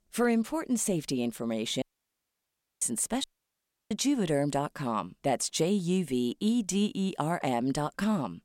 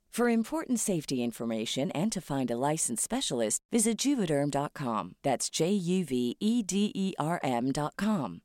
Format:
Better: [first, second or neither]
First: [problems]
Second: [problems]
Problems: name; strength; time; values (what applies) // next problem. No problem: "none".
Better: second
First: audio cutting out; at 2 s for 1 s and at 3 s for 0.5 s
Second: none